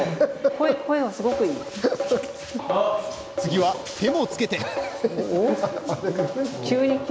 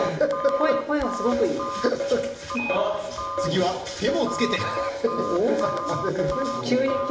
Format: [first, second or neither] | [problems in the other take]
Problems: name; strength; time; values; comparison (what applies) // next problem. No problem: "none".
first | background sound (Telephone); 9 dB below the speech // room echo; dies away in 0.5 s